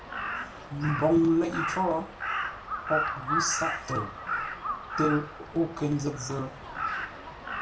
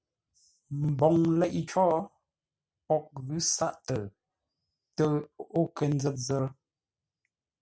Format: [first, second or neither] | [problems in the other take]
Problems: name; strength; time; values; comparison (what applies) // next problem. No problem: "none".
second | background sound (Crow); 3 dB below the speech // room echo; dies away in 0.3 s